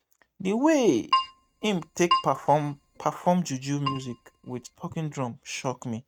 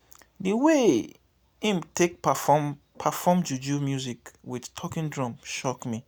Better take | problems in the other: second | noise reduction (neural mask model RNNoise)

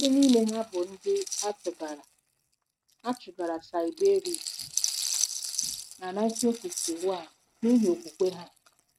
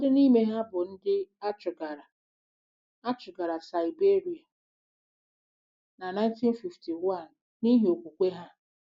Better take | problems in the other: second | noise reduction (neural mask model RNNoise)

